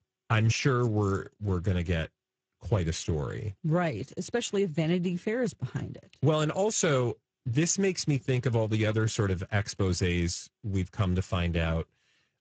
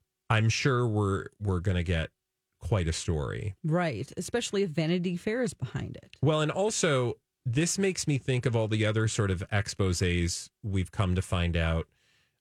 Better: second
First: garbled, watery; badly; nothing above 7.5 kHz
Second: none

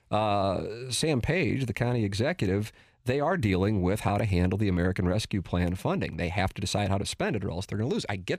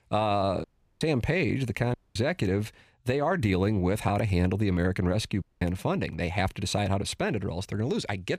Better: first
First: none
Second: audio cutting out; at 0.5 s, at 2 s and at 5.5 s

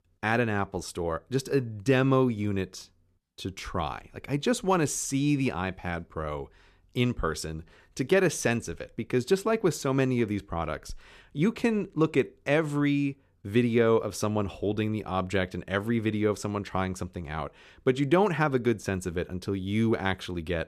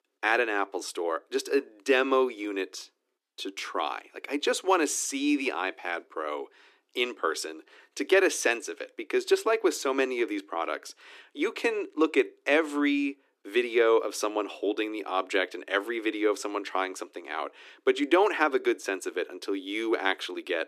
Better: first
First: none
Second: thin; somewhat; fading below 300 Hz

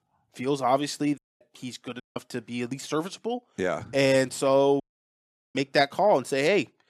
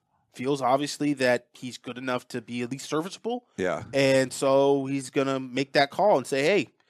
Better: second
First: audio cutting out; at 1 s, at 2 s and at 5 s for 1 s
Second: none

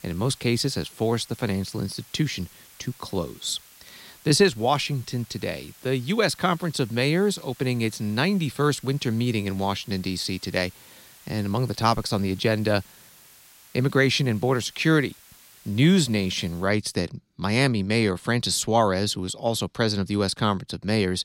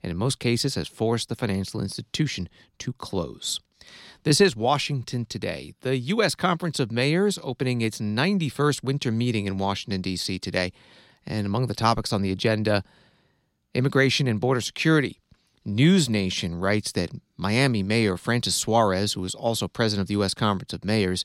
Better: second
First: hiss; faint; until 17 s; 25 dB below the speech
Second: none

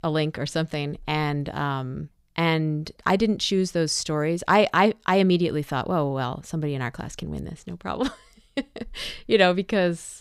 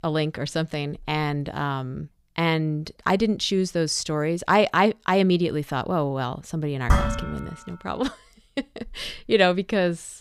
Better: first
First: none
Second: clattering dishes; loud; at 7 s; peak 1 dB above the speech

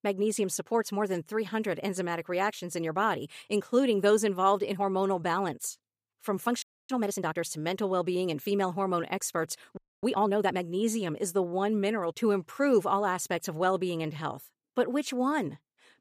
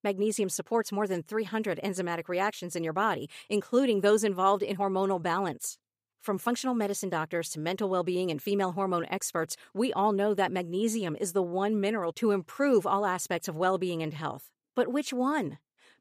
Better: second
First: audio freezing; at 6.5 s and at 10 s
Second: none

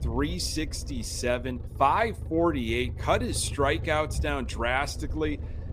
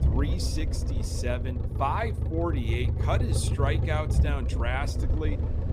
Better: first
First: low rumble; faint; throughout; 20 dB below the speech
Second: low rumble; loud; throughout; 8 dB below the speech

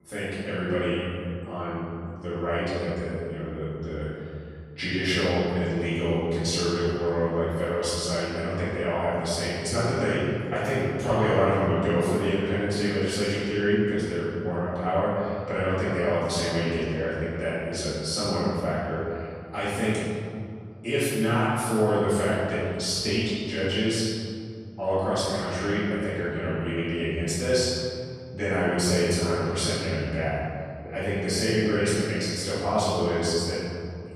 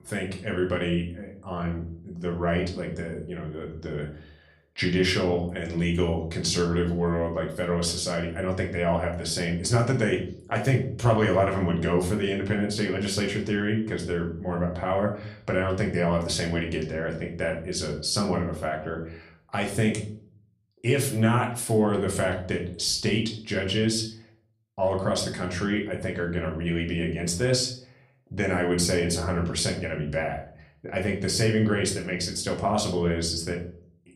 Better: second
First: room echo; strong; dies away in 2.2 s // off-mic speech; far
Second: room echo; slight; dies away in 0.5 s // off-mic speech; somewhat distant

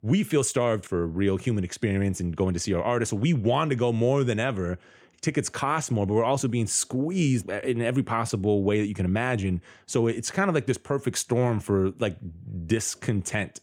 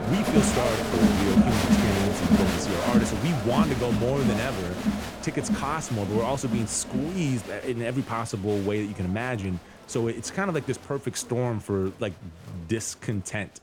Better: first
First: none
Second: crowd noise; very loud; throughout; 3 dB above the speech

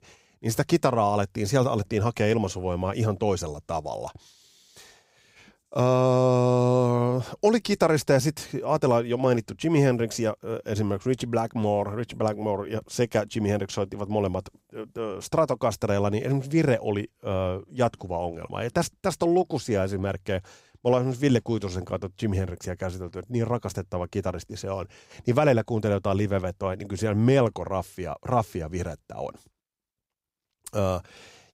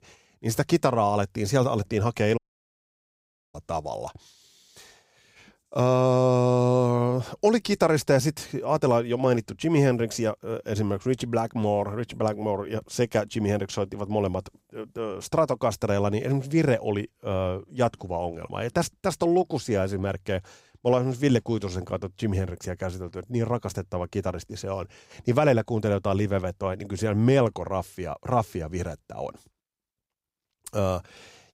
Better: first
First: none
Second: audio cutting out; at 2.5 s for 1 s

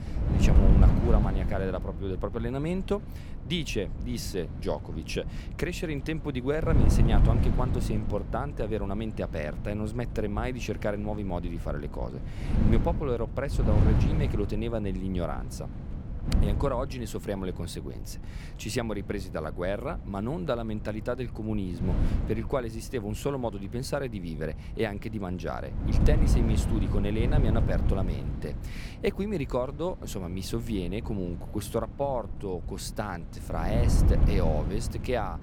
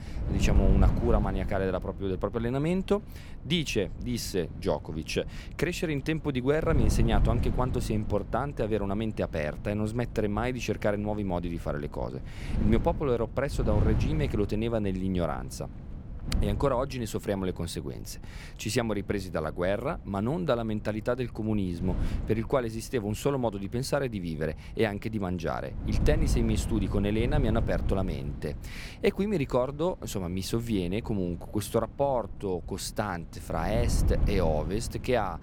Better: second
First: wind noise on the microphone; heavy; 7 dB below the speech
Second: wind noise on the microphone; occasional gusts; 15 dB below the speech

